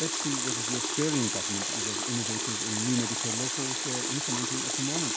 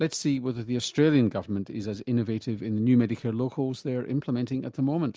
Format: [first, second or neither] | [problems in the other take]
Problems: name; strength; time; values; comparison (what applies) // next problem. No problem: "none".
second | background sound (Water tap, faucet); 4 dB above the speech